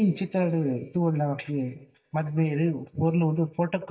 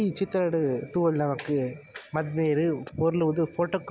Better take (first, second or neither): second